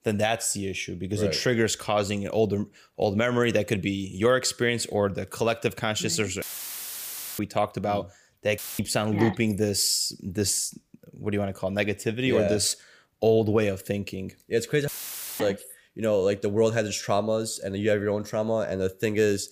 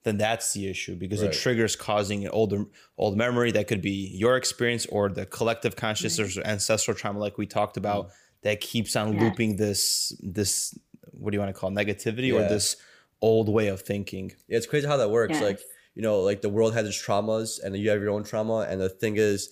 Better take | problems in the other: second | audio cutting out; filled with static; at 6.5 s for 1 s, at 8.5 s and at 15 s for 0.5 s

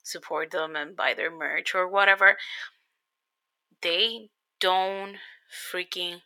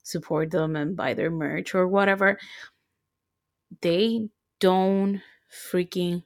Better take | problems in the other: second | thin; very; fading below 750 Hz

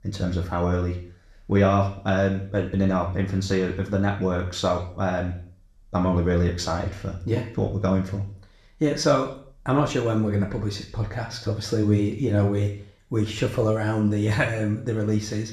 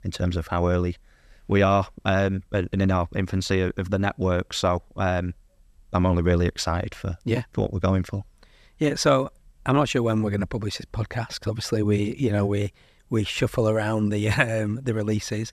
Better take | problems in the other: second | room echo; slight; dies away in 0.5 s // off-mic speech; somewhat distant

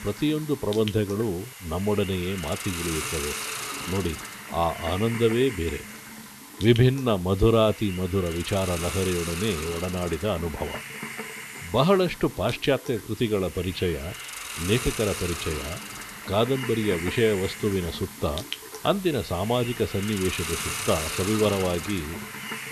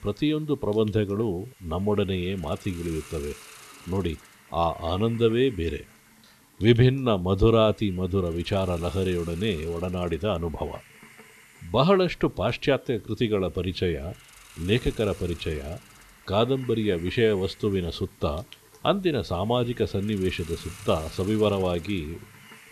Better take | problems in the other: second | hiss; loud; throughout; 8 dB below the speech; faint in the second

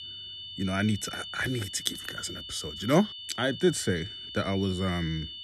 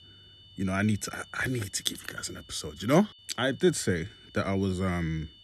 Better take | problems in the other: second | high-pitched whine; loud; throughout; 3 kHz, 9 dB below the speech; faint in the second

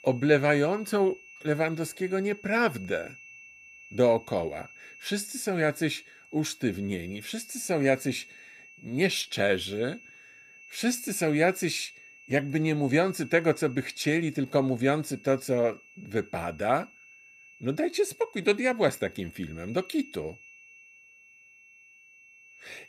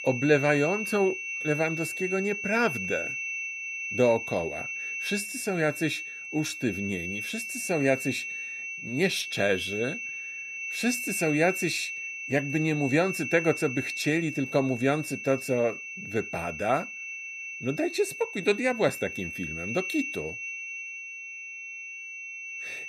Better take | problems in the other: first | high-pitched whine; loud; throughout; 2.5 kHz, 5 dB below the speech; faint in the first

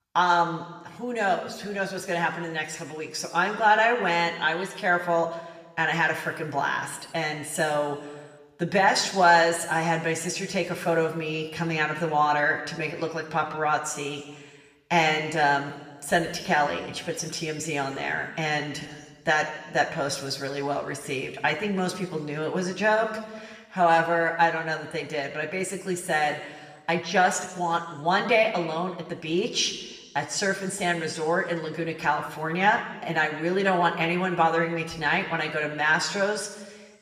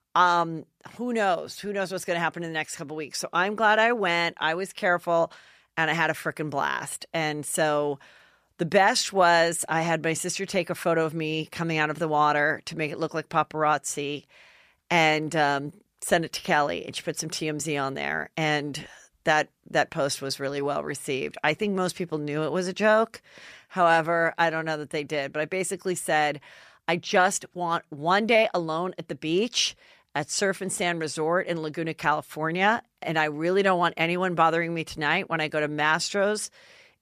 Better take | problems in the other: second | room echo; slight; dies away in 1.2 s

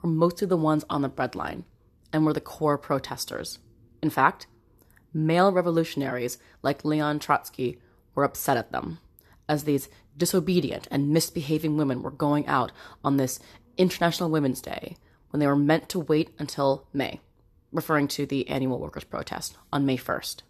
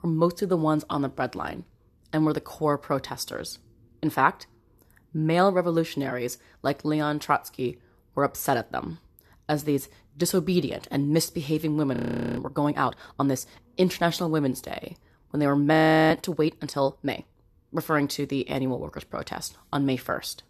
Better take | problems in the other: first | audio freezing; at 12 s and at 16 s

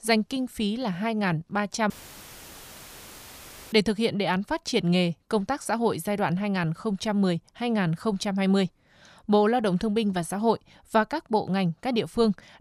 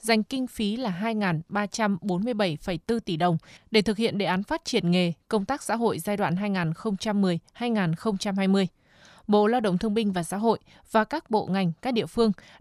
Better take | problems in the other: second | audio cutting out; filled with static; at 2 s for 2 s

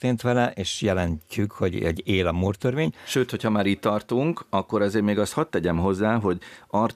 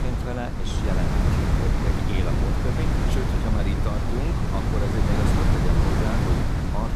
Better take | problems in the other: first | wind noise on the microphone; heavy; 4 dB above the speech

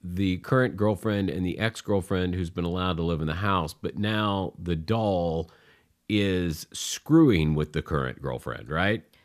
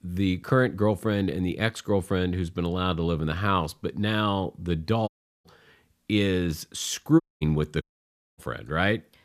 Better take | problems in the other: first | audio cutting out; at 5 s, at 7 s and at 8 s for 0.5 s

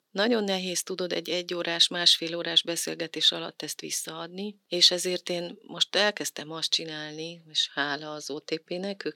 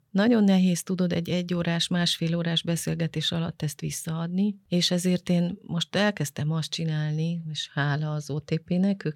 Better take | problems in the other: second | thin; somewhat; fading below 300 Hz

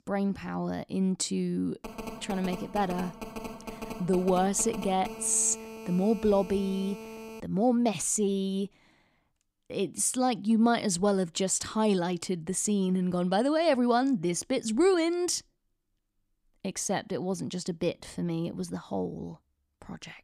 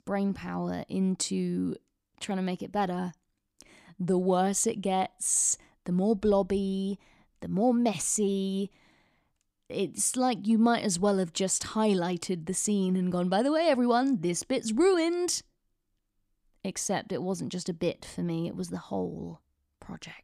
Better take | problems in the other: second | phone ringing; faint; from 2 to 7.5 s; peak 10 dB below the speech

